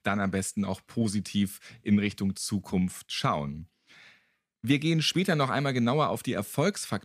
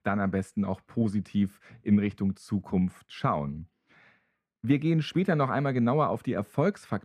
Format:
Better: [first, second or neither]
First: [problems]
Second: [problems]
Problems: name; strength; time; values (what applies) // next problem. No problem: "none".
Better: first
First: none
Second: muffled; very; fading above 2.5 kHz